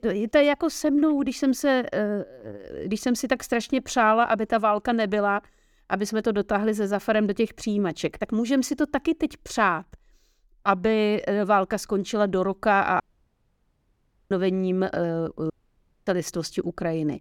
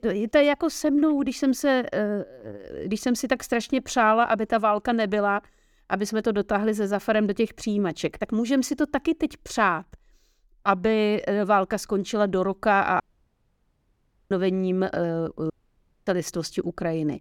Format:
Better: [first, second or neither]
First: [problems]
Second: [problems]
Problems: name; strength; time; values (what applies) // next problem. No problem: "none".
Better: neither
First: audio cutting out; at 13 s for 1.5 s and at 16 s for 0.5 s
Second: audio cutting out; at 13 s for 1.5 s and at 16 s for 0.5 s